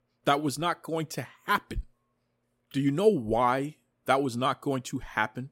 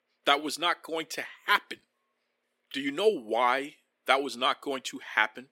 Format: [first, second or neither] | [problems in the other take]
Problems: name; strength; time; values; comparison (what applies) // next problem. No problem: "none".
first | thin; somewhat; fading below 300 Hz